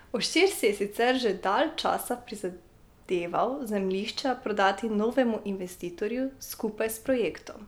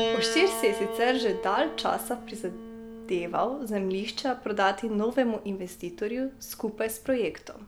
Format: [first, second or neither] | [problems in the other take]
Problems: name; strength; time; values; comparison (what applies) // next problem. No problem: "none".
first | background sound (Piano); 8 dB below the speech